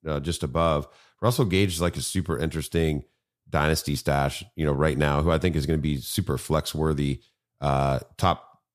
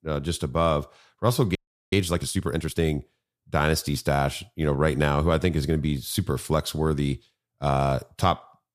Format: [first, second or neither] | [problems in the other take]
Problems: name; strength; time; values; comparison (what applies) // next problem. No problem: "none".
first | audio freezing; at 1.5 s